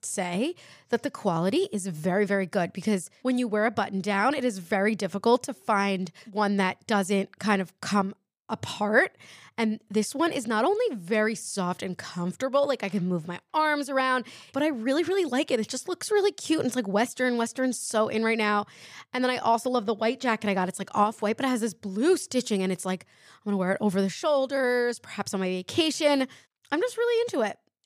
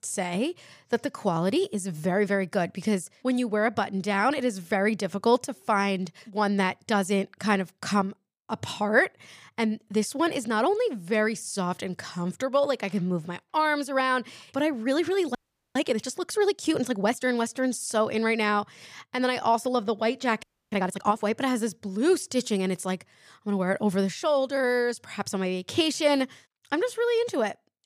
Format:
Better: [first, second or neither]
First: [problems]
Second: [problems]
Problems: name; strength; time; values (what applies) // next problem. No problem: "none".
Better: first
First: none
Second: audio freezing; at 15 s and at 20 s